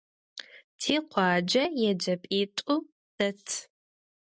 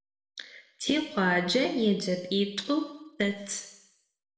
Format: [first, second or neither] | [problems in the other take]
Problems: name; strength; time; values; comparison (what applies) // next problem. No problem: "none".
first | room echo; dies away in 0.8 s